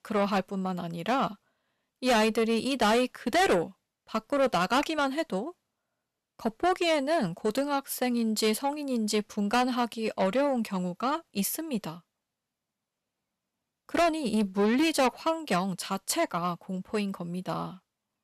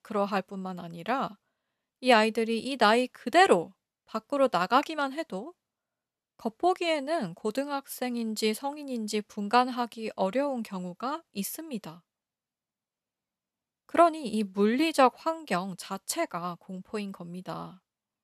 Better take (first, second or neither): second